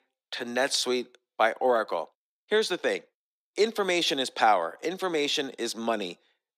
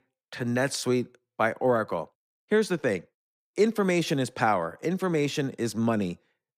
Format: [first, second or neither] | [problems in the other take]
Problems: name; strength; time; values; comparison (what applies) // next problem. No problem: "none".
second | thin; somewhat; fading below 300 Hz